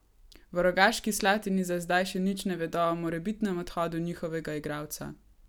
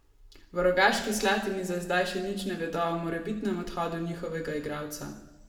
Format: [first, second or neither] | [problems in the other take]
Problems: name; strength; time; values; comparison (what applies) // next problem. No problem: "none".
first | room echo; dies away in 0.9 s